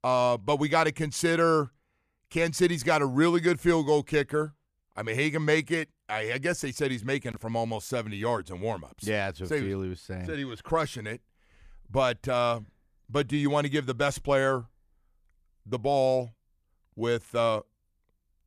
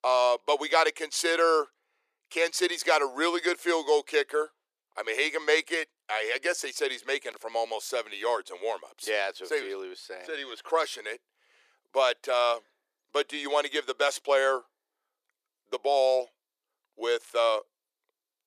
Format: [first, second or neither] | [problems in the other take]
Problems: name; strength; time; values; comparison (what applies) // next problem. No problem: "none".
first | thin; very; fading below 400 Hz